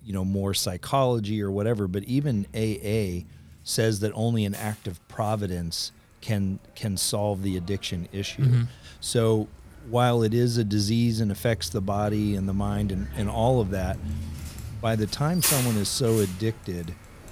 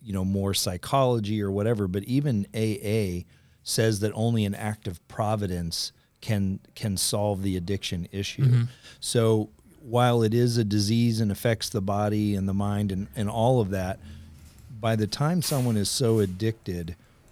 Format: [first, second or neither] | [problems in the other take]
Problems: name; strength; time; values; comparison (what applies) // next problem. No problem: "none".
second | traffic noise; loud; throughout; 8 dB below the speech; faint in the second